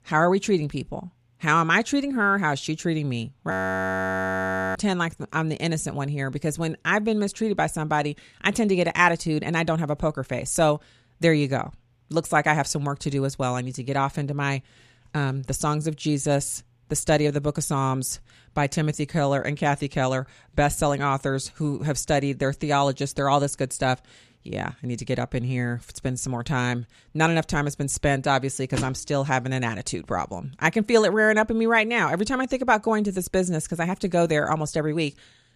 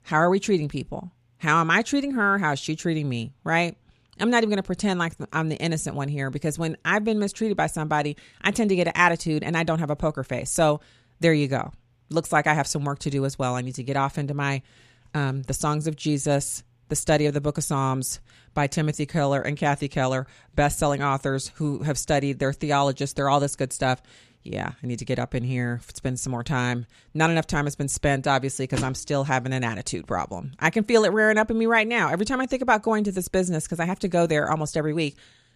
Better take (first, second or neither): second